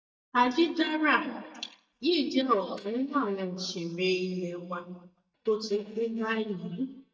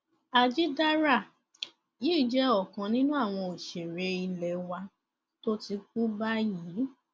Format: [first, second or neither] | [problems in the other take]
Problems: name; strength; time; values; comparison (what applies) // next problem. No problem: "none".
second | noise reduction (neural mask model DeepFilterNet 3)